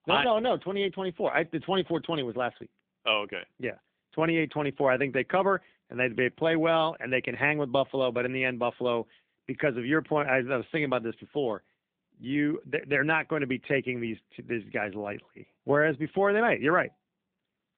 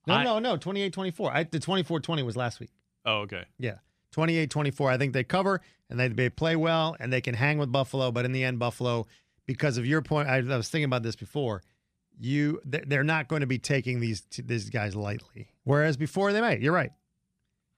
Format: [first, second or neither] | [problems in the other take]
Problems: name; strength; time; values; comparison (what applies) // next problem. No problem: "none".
second | phone-call audio; nothing above 3.5 kHz